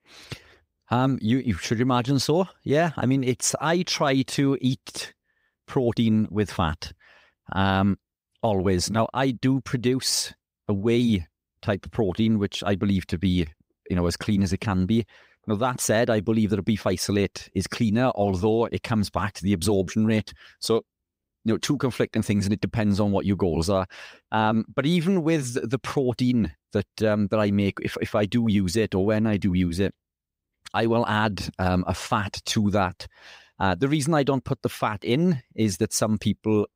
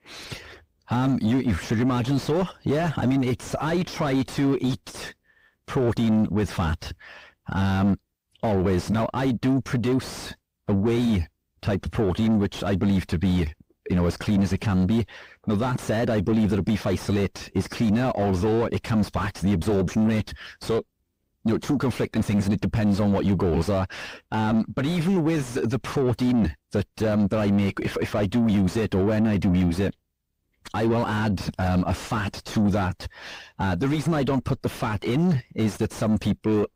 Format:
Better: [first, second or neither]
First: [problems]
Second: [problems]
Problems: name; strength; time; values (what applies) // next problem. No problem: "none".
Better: first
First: none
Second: distortion; heavy; 6 dB below the speech